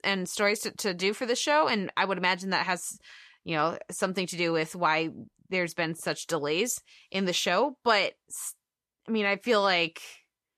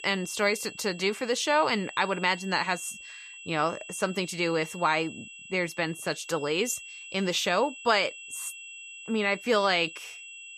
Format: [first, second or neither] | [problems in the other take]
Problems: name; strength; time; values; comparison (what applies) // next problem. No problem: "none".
first | high-pitched whine; noticeable; throughout; 2.5 kHz, 15 dB below the speech